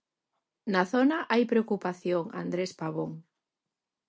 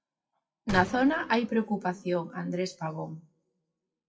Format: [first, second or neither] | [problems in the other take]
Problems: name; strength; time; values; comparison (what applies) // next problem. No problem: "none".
first | noise reduction (classical method WPE with log-MMSE)